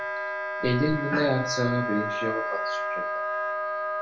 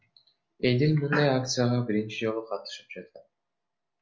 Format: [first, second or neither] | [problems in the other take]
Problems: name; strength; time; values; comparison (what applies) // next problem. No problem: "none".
second | background sound (Wind instrument, woodwind instrument); 1 dB below the speech // room echo; dies away in 0.2 s